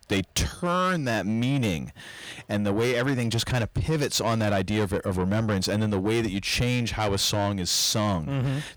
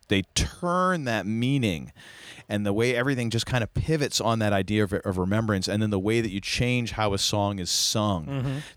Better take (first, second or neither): second